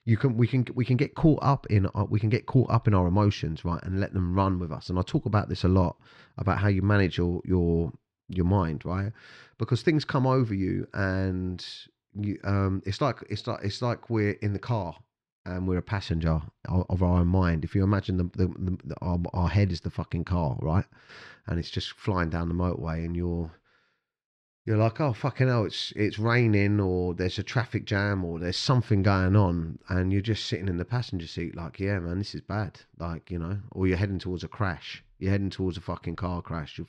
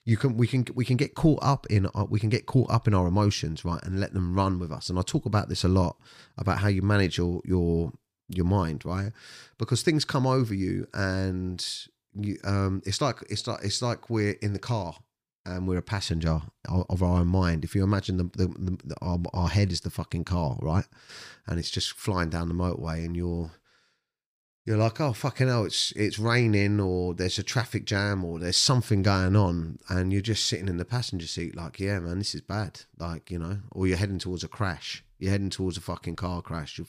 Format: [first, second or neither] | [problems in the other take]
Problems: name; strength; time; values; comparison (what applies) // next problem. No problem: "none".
second | muffled; slightly; fading above 3 kHz